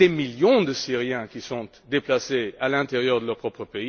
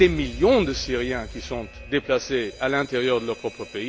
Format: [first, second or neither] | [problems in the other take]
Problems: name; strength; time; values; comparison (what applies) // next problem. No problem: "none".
first | background sound (Alarm); 14 dB below the speech